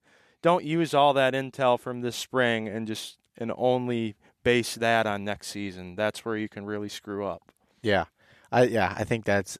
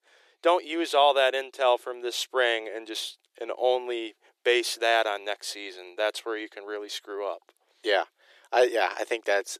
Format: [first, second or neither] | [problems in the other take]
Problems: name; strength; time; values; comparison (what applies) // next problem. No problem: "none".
first | thin; very; fading below 350 Hz